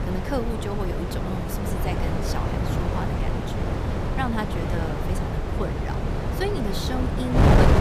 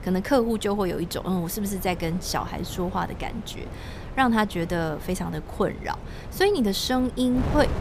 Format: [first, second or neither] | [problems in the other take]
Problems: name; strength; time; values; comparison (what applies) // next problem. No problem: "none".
second | wind noise on the microphone; heavy; 3 dB above the speech; occasional gusts in the second